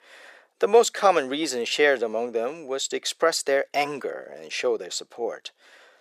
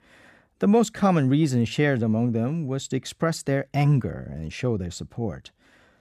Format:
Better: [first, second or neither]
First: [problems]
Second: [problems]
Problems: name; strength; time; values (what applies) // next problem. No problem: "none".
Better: second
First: thin; very; fading below 450 Hz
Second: none